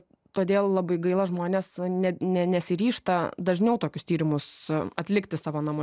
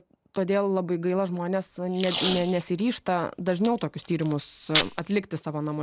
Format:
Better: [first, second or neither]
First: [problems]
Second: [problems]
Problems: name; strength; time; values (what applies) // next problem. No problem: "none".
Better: first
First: none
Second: background sound (Packing tape, duct tape); 7 dB below the speech